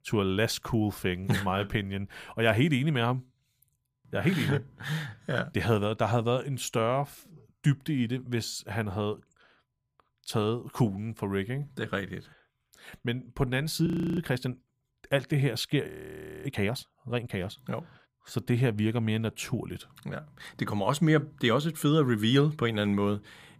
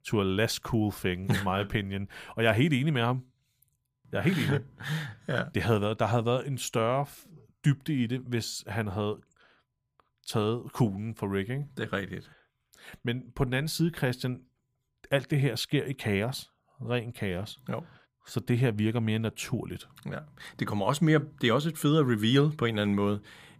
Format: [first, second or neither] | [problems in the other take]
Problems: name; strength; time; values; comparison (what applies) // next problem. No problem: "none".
second | audio freezing; at 14 s and at 16 s for 0.5 s